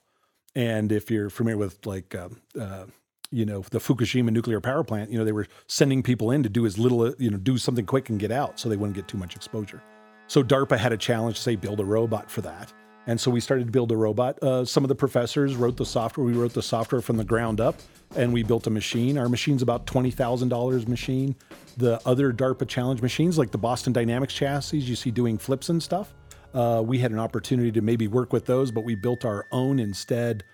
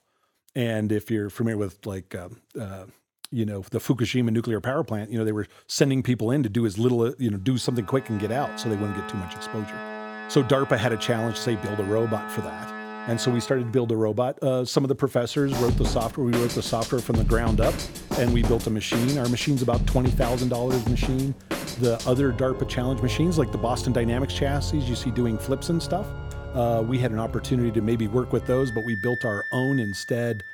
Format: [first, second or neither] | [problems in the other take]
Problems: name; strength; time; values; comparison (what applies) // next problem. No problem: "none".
first | background music; loud; from 8 s on; 7 dB below the speech; faint in the first